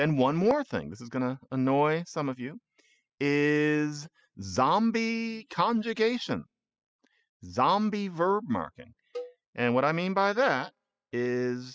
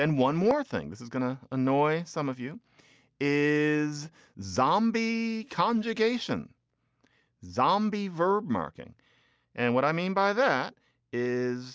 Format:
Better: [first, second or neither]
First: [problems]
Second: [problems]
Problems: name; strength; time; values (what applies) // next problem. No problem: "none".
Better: second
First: noise reduction (classical method spectral subtraction)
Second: none